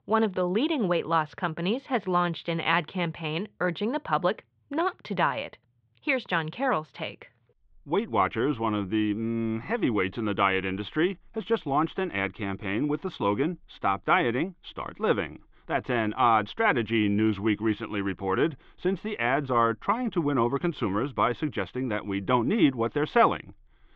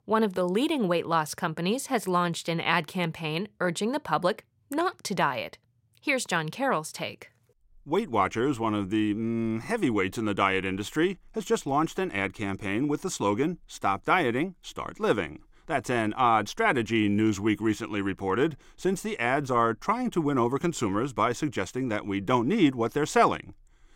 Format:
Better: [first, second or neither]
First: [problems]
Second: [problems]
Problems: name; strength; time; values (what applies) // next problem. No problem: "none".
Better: second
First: muffled; very; fading above 3.5 kHz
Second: none